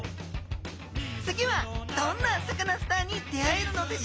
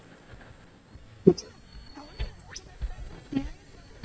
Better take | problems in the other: first | noise reduction (neural mask model DeepFilterNet 3)

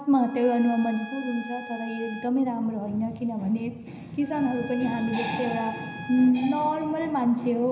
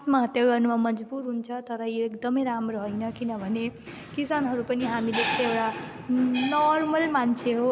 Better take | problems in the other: second | background sound (Trumpet); 17 dB below the speech // room echo; dies away in 0.9 s

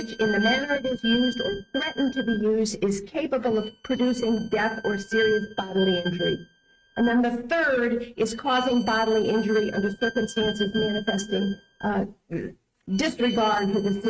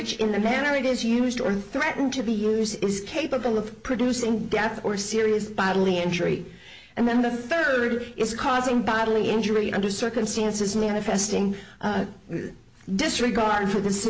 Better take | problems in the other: second | noise reduction (neural mask model RNNoise)

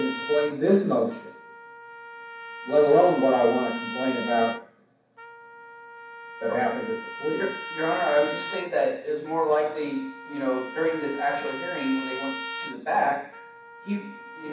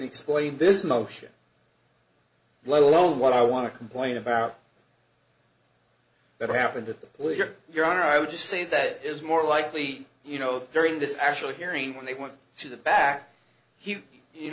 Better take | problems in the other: second | background sound (Trumpet); 12 dB below the speech // room echo; dies away in 0.6 s

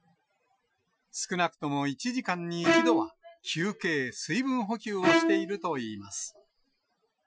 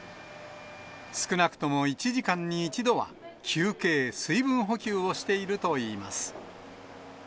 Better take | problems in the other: second | noise reduction (classical method Wiener filter)

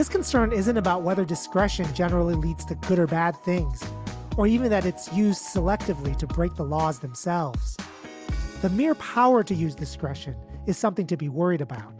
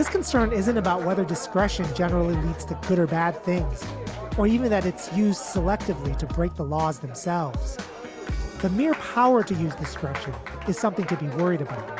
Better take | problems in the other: first | background sound (Applause); 13 dB below the speech

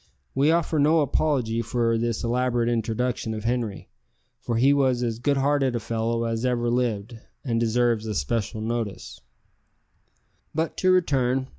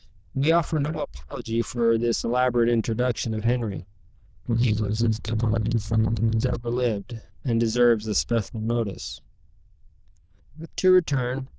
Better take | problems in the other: first | noise reduction (neural diffusion model UNIVERSE++)

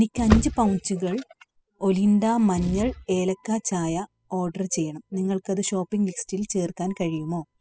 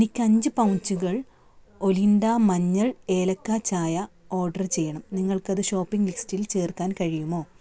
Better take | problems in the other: second | noise reduction (classical method spectral subtraction)

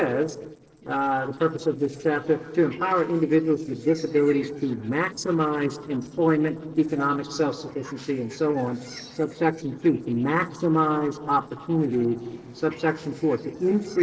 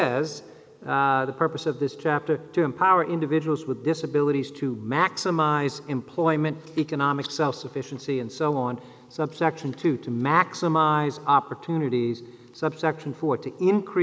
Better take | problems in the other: second | noise reduction (neural separator model SepFormer DNS4)

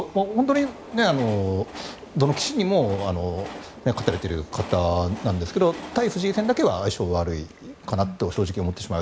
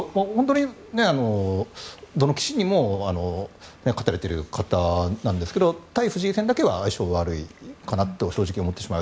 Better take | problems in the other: second | background sound (Train); 17 dB below the speech

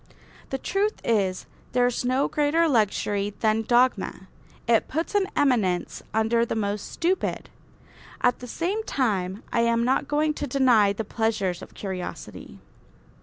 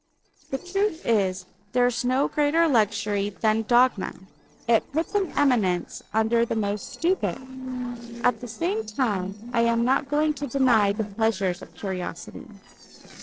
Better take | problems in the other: first | noise reduction (neural separator model SepFormer DNS4)

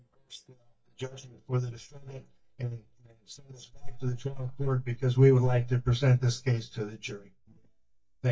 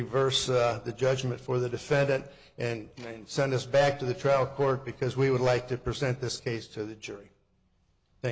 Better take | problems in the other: second | noise reduction (neural mask model DeepFilterNet 3)

